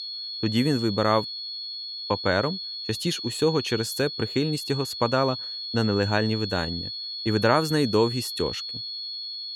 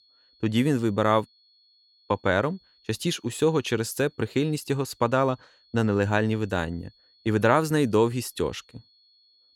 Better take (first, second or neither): second